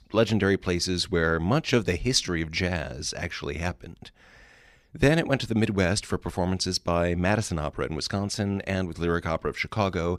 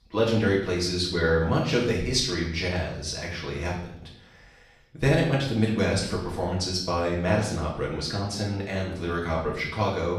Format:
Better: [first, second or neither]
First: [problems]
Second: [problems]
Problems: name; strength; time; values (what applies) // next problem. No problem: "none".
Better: first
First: none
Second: room echo; noticeable; dies away in 0.6 s // off-mic speech; far